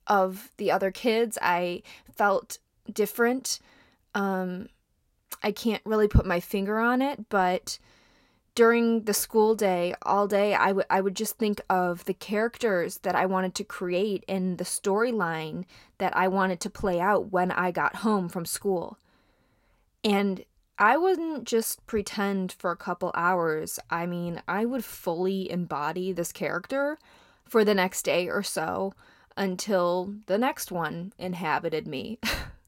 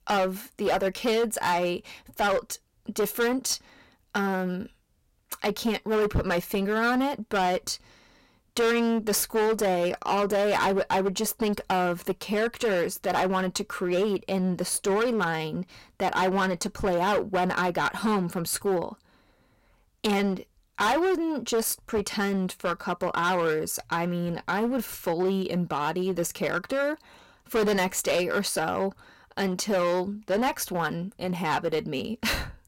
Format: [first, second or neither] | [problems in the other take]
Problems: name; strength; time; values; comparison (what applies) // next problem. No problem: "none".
first | distortion; heavy; 13% of the sound clipped